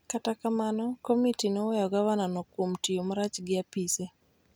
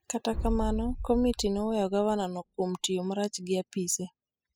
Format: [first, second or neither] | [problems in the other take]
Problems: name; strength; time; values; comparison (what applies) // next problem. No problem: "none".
first | noise reduction (classical method spectral subtraction)